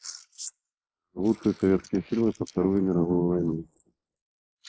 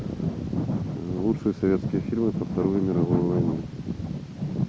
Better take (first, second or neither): second